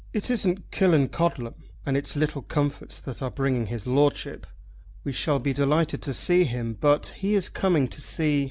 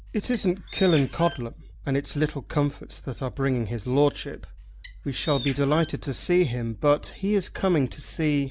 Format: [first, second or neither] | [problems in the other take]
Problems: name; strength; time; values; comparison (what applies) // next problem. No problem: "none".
first | background sound (Bird); 14 dB below the speech